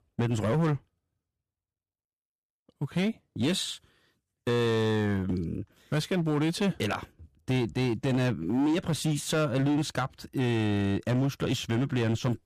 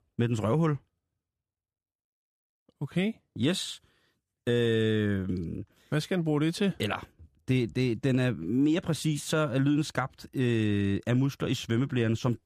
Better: second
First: distortion; slight; 13% of the sound clipped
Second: none

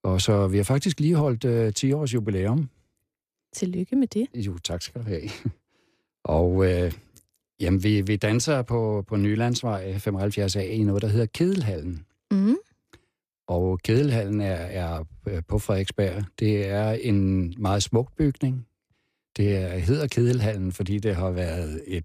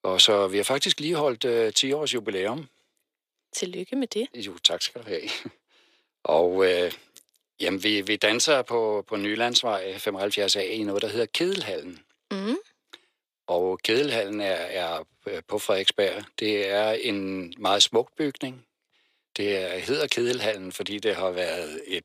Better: first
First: none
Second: thin; very; fading below 500 Hz

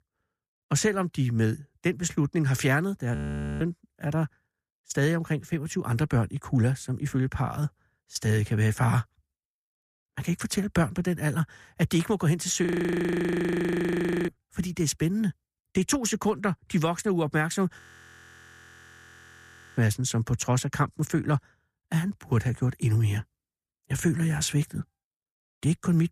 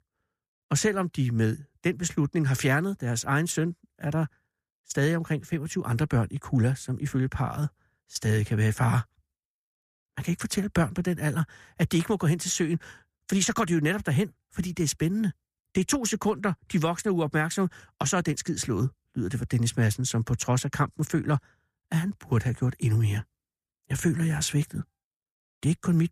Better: second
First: audio freezing; at 3 s, at 13 s for 1.5 s and at 18 s for 2 s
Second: none

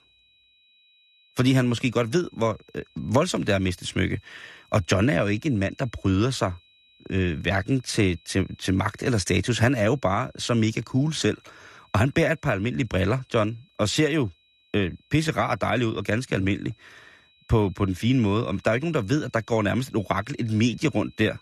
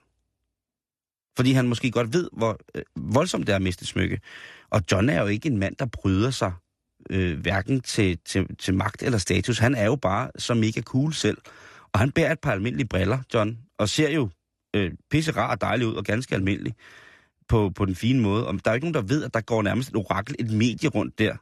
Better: second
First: high-pitched whine; faint; throughout; 4 kHz, 35 dB below the speech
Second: none

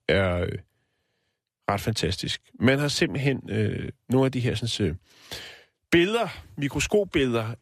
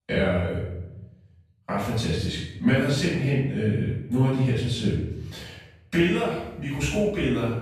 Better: first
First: none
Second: off-mic speech; far // room echo; strong; dies away in 0.8 s

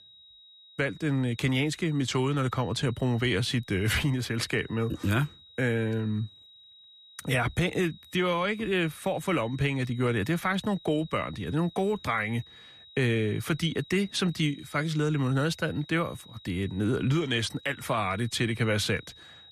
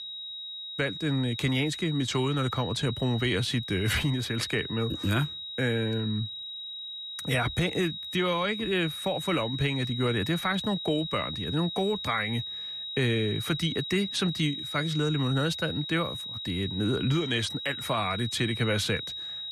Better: first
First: high-pitched whine; faint; throughout; 4 kHz, 20 dB below the speech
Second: high-pitched whine; loud; throughout; 4 kHz, 6 dB below the speech

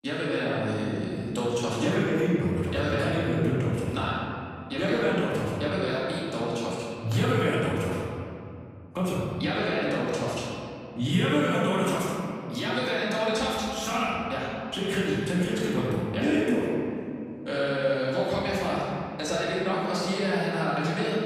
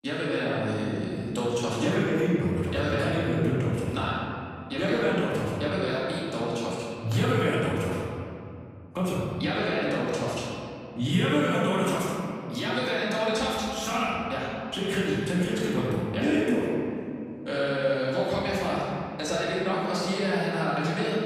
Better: neither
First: off-mic speech; far // room echo; strong; dies away in 2.4 s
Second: off-mic speech; far // room echo; strong; dies away in 2.4 s

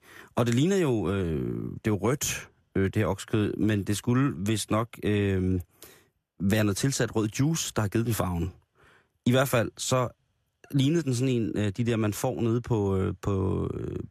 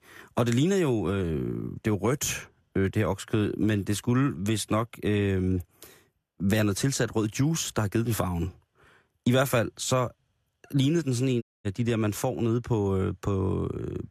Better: first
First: none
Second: audio cutting out; at 11 s

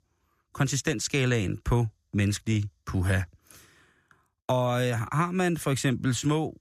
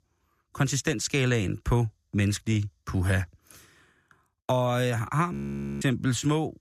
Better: first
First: none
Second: audio freezing; at 5.5 s

